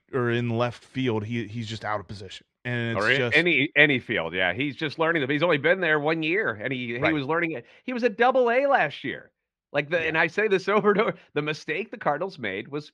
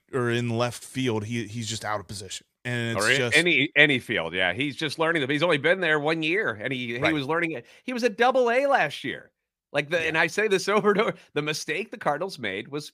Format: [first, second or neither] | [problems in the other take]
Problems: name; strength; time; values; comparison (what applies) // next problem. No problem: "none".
second | muffled; slightly; fading above 3 kHz